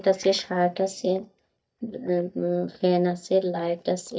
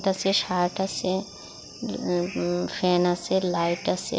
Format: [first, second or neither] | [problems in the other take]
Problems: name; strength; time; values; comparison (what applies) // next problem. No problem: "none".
second | noise reduction (neural mask model DeepFilterNet 3)